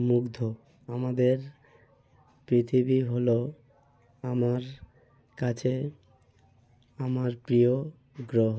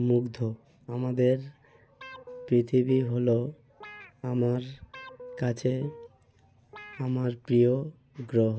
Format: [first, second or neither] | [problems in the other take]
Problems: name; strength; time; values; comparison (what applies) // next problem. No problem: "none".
first | background sound (Guitar); 19 dB below the speech